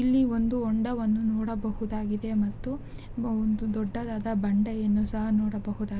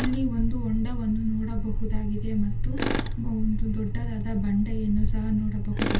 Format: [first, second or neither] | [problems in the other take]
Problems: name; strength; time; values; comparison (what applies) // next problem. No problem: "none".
first | background sound (Tools); 13 dB below the speech // room echo; dies away in 0.2 s